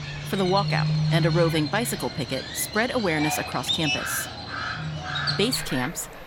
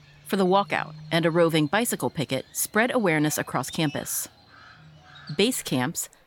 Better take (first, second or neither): second